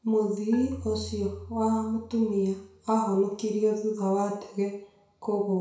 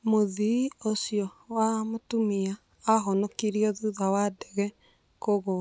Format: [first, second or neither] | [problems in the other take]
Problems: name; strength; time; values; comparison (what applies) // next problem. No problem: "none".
second | background sound (Marimba, xylophone); 17 dB below the speech // room echo; dies away in 0.6 s